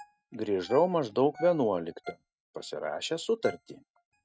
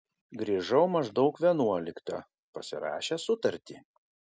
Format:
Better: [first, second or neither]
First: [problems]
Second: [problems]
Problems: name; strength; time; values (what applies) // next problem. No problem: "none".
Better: second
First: noise reduction (neural mask model RNNoise)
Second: none